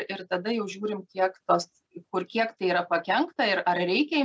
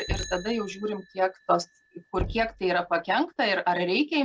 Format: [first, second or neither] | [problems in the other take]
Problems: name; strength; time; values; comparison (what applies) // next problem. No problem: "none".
first | background sound (Bicycle bell + Knock); 12 dB below the speech